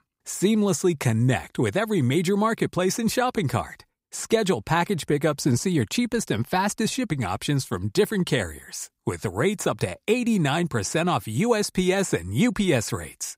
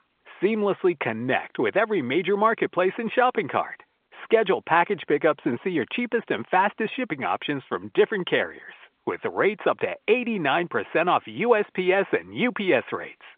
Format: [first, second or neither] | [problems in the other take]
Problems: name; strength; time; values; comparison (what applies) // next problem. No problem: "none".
first | phone-call audio; nothing above 3.5 kHz